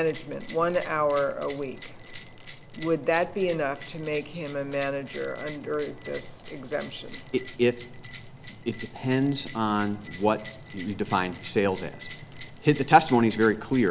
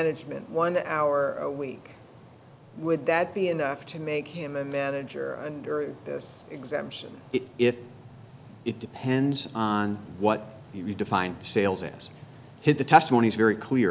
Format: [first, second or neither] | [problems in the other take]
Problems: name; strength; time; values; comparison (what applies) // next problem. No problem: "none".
second | background sound (Bell); 16 dB below the speech